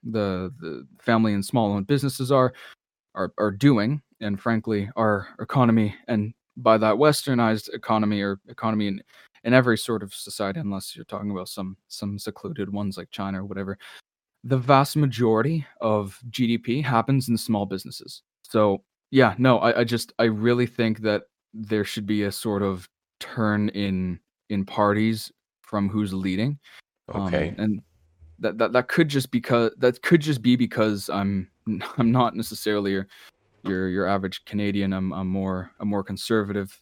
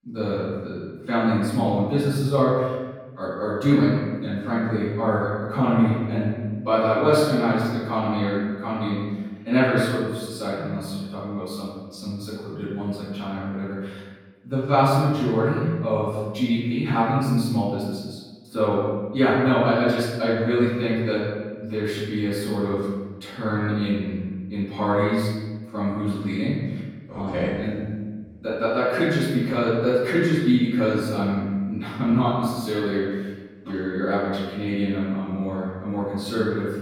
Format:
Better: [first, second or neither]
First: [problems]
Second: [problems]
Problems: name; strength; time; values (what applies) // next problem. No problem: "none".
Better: first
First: none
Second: off-mic speech; far // room echo; strong; dies away in 1.2 s